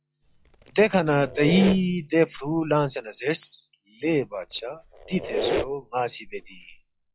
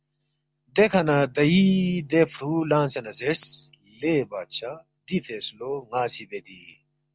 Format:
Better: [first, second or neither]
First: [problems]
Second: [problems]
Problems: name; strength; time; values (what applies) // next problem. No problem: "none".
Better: second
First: noise reduction (classical method log-MMSE)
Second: none